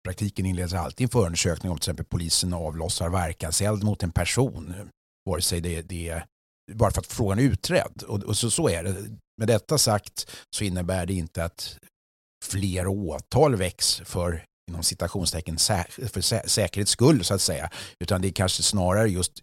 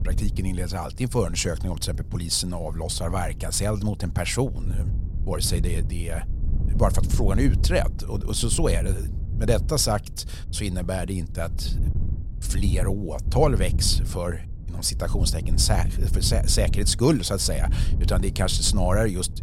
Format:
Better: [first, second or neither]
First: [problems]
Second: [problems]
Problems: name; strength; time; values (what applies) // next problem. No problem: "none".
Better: first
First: none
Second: wind noise on the microphone; occasional gusts; 15 dB below the speech